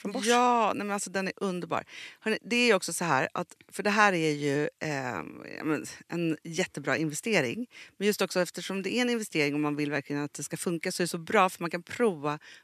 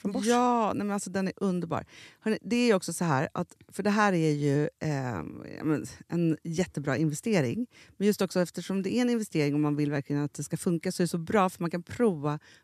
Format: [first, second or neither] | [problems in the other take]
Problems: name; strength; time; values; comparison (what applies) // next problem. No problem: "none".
second | thin; very slightly; fading below 450 Hz